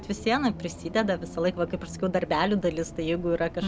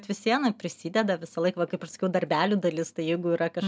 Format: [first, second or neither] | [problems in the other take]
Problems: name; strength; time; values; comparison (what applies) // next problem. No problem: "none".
second | background sound (Bus); 13 dB below the speech